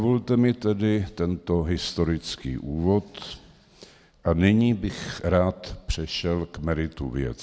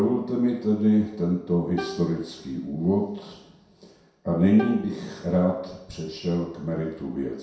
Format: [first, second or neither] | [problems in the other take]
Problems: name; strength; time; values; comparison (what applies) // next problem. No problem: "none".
first | background sound (Plucked string instrument); 15 dB below the speech // room echo; dies away in 0.7 s